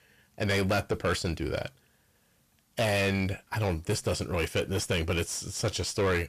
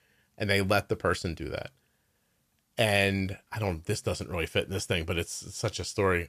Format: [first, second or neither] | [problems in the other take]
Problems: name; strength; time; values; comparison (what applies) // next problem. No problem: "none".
second | distortion; heavy; 7 dB below the speech